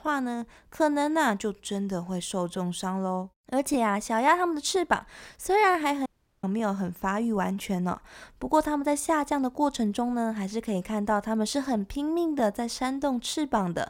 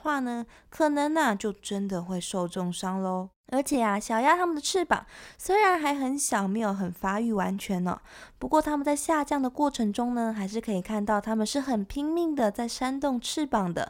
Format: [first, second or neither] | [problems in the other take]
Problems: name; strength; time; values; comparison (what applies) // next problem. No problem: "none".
second | audio cutting out; at 6 s